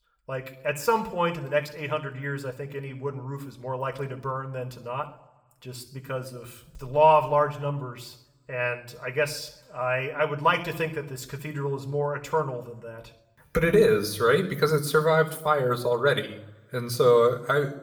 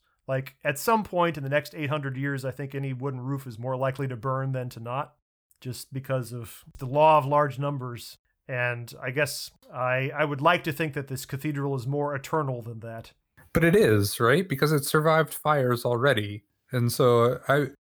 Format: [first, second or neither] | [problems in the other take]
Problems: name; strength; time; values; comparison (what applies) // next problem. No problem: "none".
second | room echo; very slight; dies away in 0.6 s